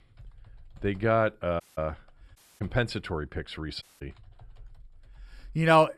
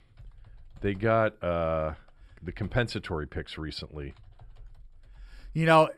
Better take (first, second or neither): second